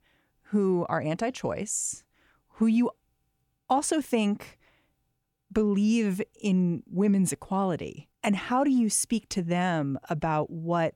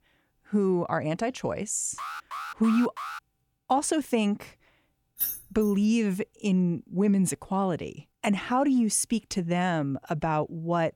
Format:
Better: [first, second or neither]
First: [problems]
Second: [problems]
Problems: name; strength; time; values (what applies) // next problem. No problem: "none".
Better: first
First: none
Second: alarm; noticeable; from 2 to 3 s; peak 9 dB below the speech // jangling keys; noticeable; at 5 s; peak 2 dB below the speech